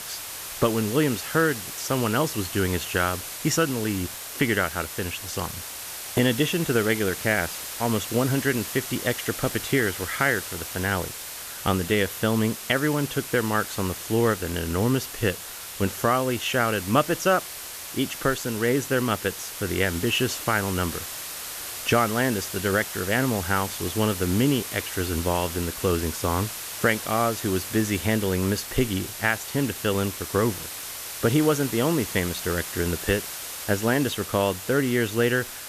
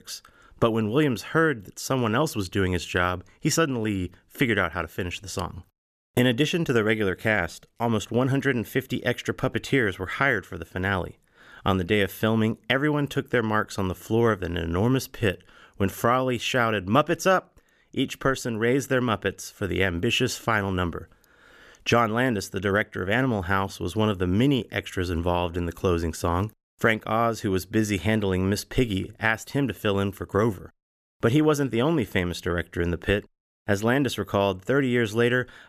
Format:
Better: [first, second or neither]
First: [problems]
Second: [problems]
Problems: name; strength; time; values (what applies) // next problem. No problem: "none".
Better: second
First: hiss; loud; throughout; 8 dB below the speech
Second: none